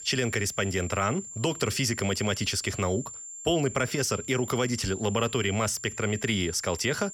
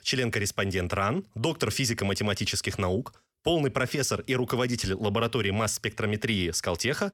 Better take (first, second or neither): second